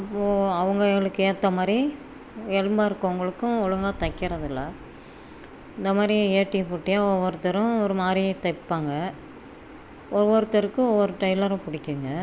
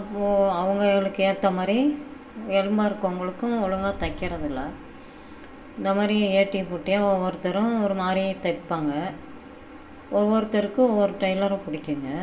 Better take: first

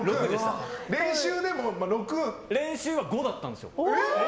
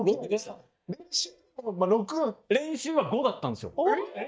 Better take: first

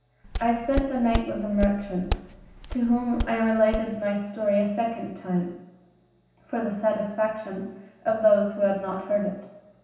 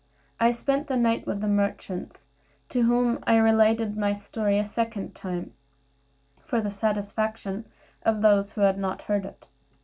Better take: second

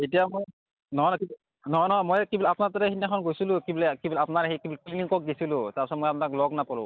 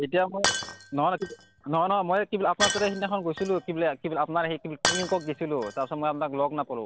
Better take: first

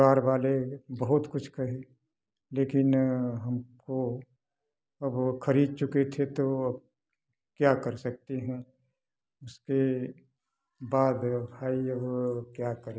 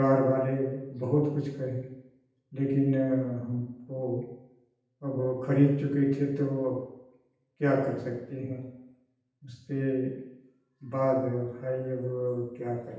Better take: first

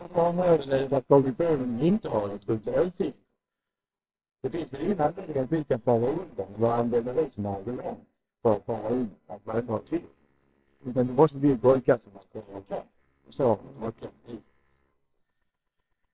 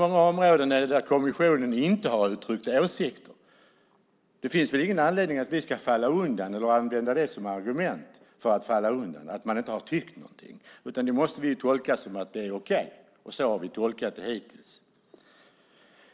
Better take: second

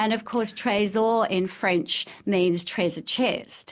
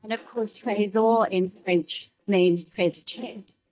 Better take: first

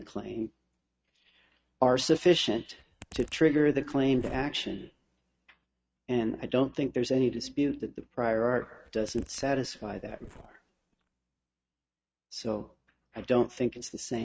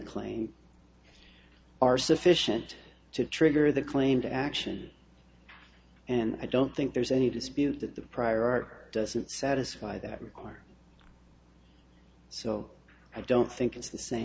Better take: second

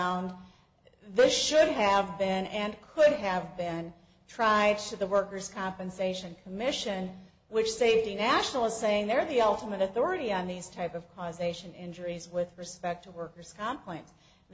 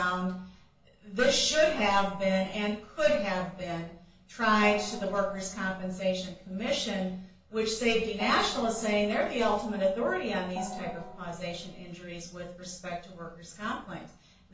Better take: first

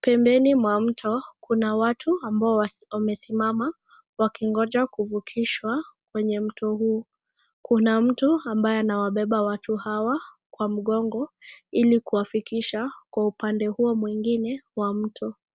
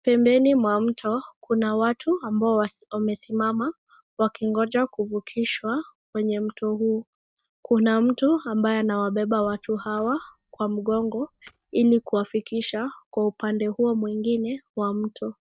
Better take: first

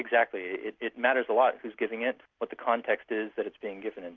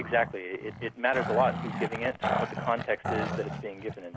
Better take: first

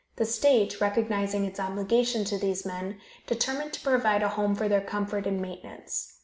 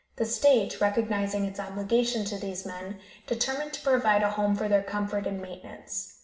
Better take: first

